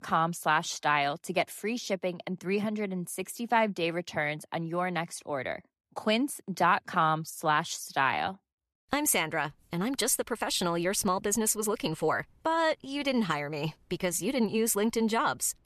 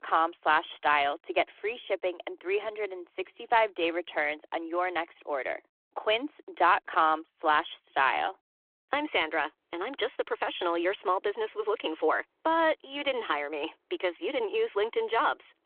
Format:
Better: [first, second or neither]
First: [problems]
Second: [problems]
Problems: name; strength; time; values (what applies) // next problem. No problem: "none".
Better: first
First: none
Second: phone-call audio